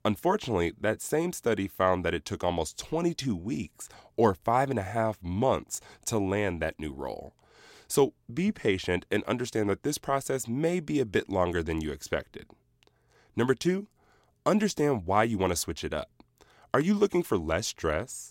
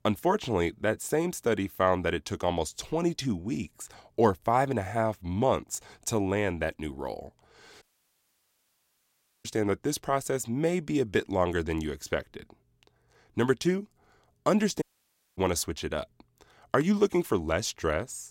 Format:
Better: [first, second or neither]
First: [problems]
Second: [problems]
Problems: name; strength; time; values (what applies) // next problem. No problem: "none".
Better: first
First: none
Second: audio cutting out; at 8 s for 1.5 s and at 15 s for 0.5 s